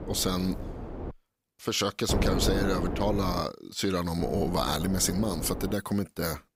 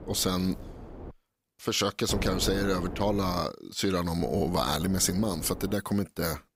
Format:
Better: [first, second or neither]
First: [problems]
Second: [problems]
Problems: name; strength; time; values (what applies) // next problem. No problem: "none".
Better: second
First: wind noise on the microphone; heavy; until 1 s, from 2 to 3.5 s and from 4 to 5.5 s; 8 dB below the speech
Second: wind noise on the microphone; occasional gusts; until 1 s, from 2 to 3.5 s and from 4 to 5.5 s; 15 dB below the speech